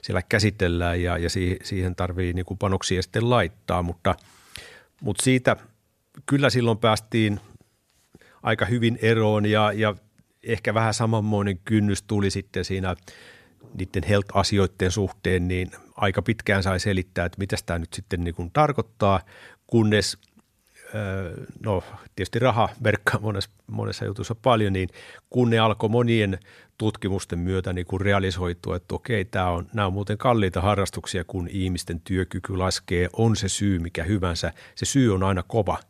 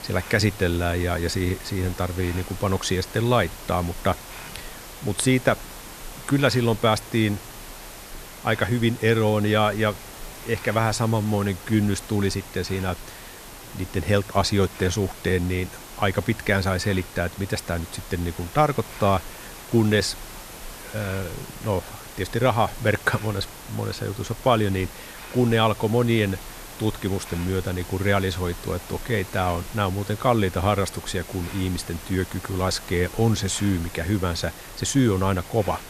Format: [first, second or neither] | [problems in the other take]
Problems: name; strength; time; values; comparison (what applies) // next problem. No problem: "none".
first | hiss; noticeable; throughout; 15 dB below the speech